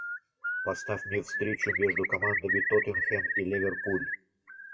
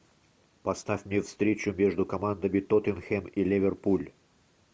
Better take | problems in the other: second | noise reduction (classical method WPE with log-MMSE)

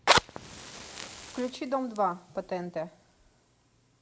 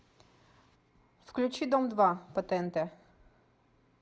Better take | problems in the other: second | background sound (Fire); 2 dB above the speech

